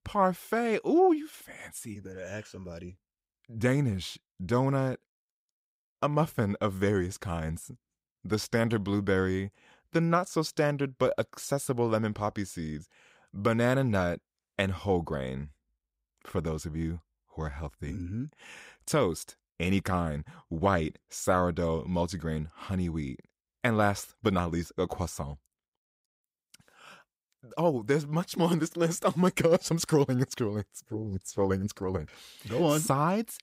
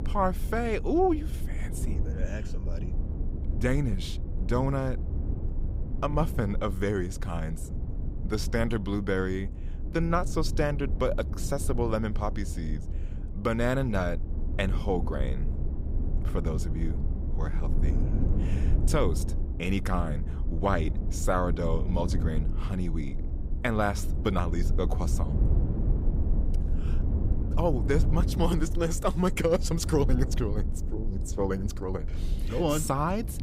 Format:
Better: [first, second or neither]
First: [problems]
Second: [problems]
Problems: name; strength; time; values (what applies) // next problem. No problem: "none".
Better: first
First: none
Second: low rumble; noticeable; throughout; 15 dB below the speech